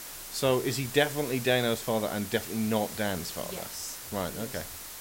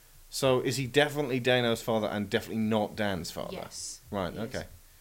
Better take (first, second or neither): second